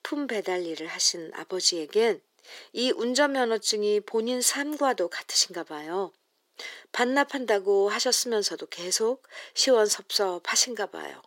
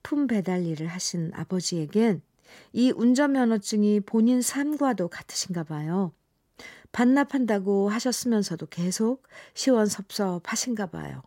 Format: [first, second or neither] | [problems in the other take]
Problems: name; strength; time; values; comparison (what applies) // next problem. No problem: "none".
second | thin; somewhat; fading below 400 Hz